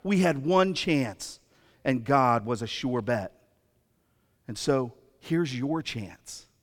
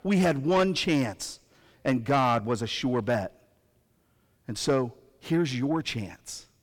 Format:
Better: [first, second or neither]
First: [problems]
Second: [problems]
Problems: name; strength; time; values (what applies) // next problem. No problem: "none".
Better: first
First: none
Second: distortion; slight; 10 dB below the speech